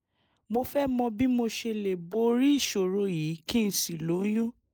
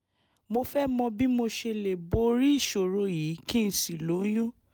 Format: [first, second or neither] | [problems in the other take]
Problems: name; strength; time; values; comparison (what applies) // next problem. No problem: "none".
second | noise reduction (neural mask model Resemble Enhance denoiser)